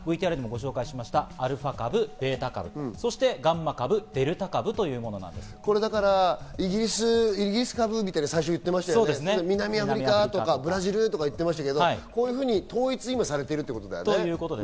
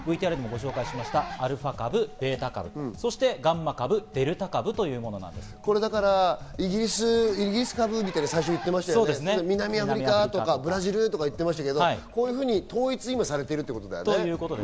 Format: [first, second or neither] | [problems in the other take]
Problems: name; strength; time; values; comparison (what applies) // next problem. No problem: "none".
first | background sound (Zipper (clothing)); 19 dB below the speech